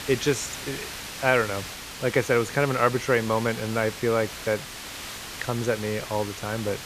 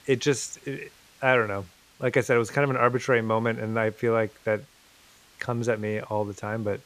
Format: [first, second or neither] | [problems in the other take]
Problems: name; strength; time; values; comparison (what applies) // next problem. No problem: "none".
second | hiss; loud; throughout; 10 dB below the speech; faint in the second